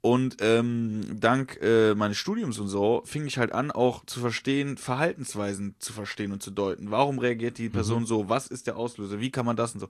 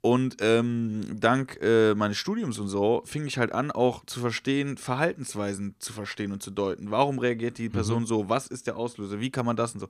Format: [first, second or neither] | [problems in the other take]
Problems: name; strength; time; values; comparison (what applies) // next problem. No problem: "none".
second | garbled, watery; slightly